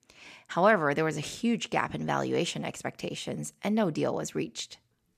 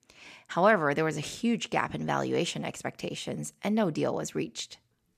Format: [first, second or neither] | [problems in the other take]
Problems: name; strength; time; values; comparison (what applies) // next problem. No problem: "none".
neither | none